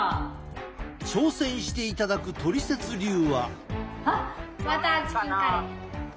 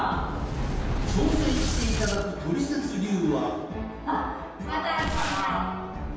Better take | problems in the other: first | background sound (Boom); 3 dB below the speech // room echo; dies away in 1.2 s

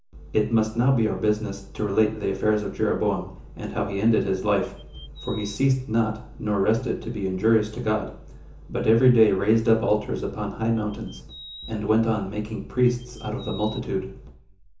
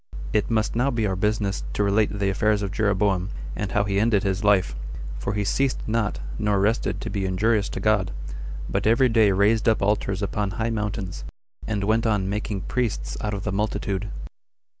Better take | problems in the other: second | background sound (Bird vocalization, bird call, bird song); 19 dB below the speech // room echo; dies away in 0.7 s

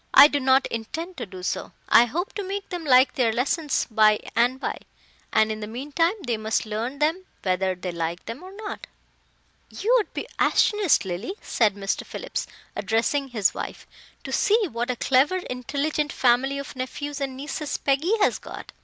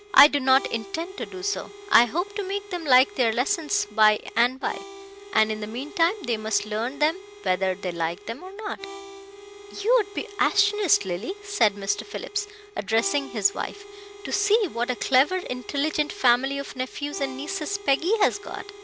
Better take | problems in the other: first | background sound (Harmonica); 17 dB below the speech

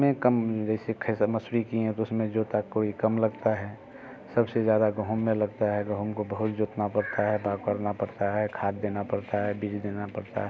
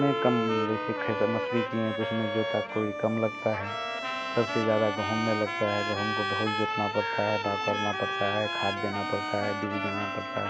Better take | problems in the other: first | background sound (Bowed string instrument + Trumpet); 1 dB below the speech

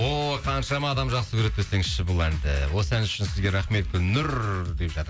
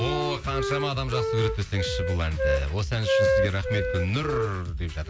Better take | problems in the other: first | background sound (Wind instrument, woodwind instrument); 1 dB below the speech

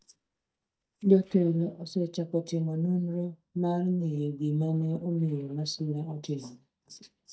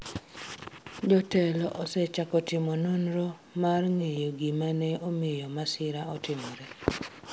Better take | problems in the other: second | noise reduction (neural mask model DeepFilterNet 3)

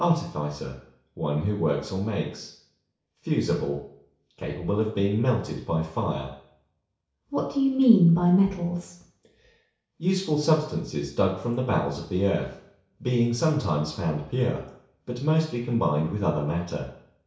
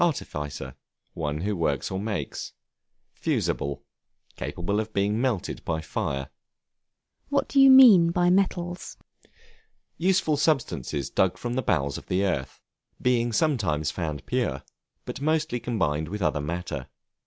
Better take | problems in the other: second | room echo; dies away in 0.6 s

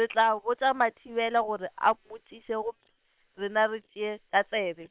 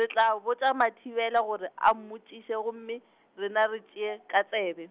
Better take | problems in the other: second | noise reduction (neural separator model SepFormer WHAM!)

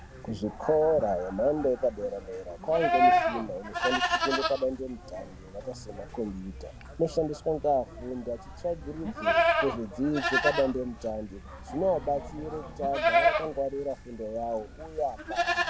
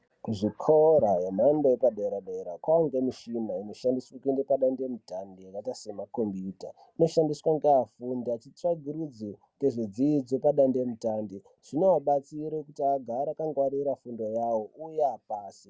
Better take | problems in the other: second | background sound (Livestock, farm animals, working animals); as loud as the speech

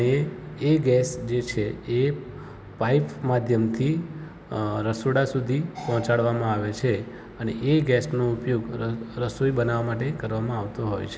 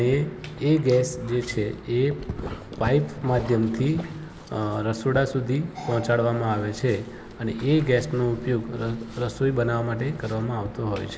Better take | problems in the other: first | background sound (Dog); 16 dB below the speech

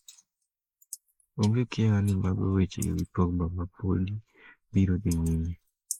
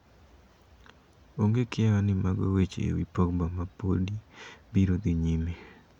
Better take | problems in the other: second | noise reduction (neural mask model Resemble Enhance denoiser)

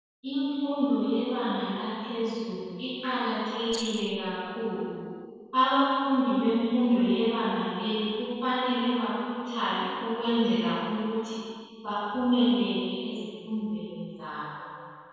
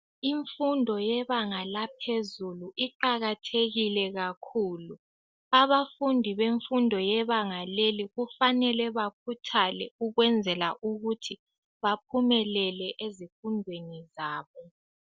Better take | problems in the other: second | noise reduction (neural separator model SepFormer DNS4)

